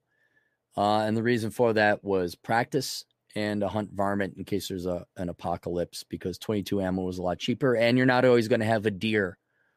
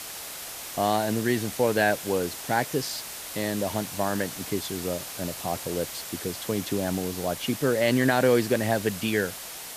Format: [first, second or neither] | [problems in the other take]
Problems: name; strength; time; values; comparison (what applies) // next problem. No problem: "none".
first | hiss; loud; throughout; 8 dB below the speech